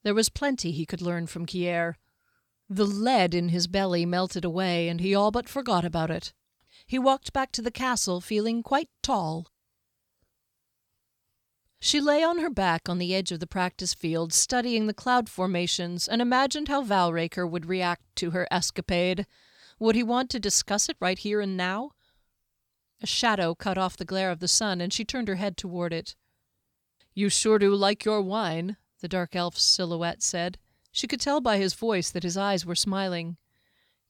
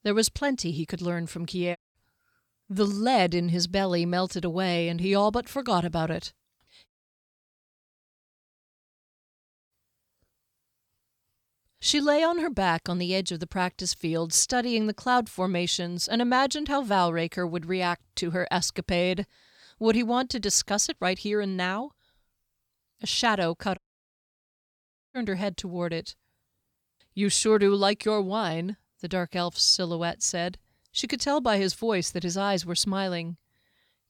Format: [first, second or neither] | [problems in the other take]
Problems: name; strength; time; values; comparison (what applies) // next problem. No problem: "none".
first | audio cutting out; at 2 s, at 7 s for 3 s and at 24 s for 1.5 s